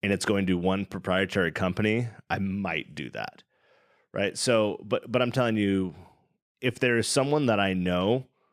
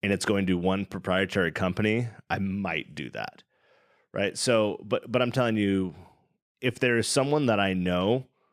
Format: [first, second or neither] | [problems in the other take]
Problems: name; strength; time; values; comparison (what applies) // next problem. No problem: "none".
neither | none